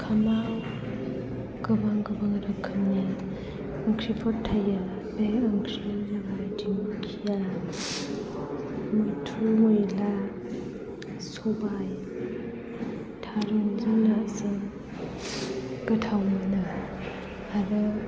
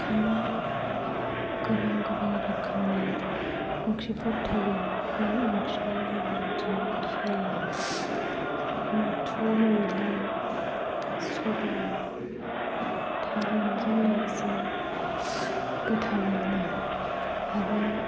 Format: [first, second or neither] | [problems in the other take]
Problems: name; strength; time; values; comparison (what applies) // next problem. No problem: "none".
first | background sound (Crowd); 1 dB below the speech